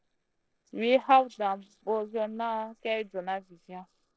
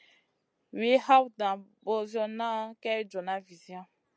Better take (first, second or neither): second